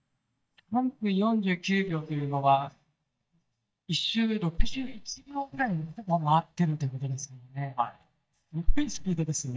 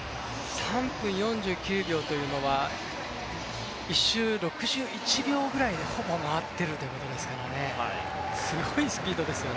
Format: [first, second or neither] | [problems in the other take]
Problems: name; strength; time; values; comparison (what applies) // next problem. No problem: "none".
second | noise reduction (neural mask model DeepFilterNet 3)